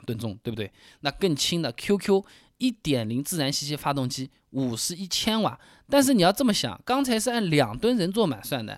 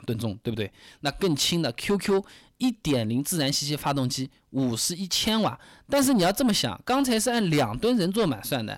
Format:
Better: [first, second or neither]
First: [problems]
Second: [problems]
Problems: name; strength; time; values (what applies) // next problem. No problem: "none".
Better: first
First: none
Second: distortion; slight; 10 dB below the speech